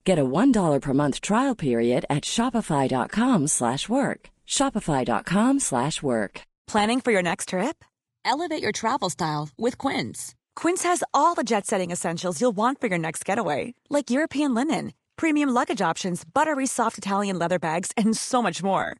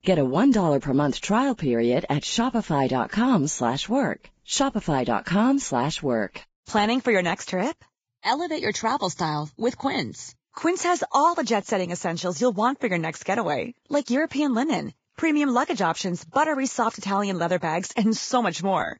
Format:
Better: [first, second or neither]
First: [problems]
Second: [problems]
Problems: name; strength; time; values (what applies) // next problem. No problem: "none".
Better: first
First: garbled, watery; slightly; nothing above 10.5 kHz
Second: garbled, watery; badly; nothing above 7.5 kHz